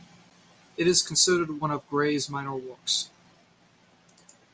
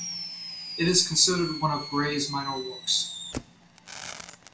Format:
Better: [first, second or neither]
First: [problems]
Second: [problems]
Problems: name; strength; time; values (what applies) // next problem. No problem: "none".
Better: first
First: none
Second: background sound (Fireworks); 10 dB below the speech // room echo; dies away in 0.3 s